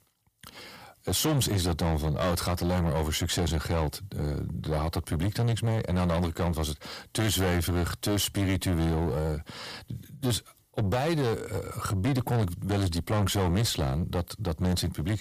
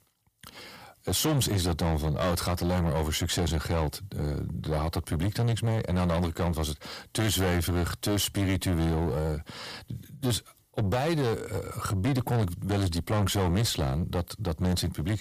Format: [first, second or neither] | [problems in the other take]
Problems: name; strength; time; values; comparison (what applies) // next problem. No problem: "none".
neither | distortion; heavy; 7 dB below the speech; the same in both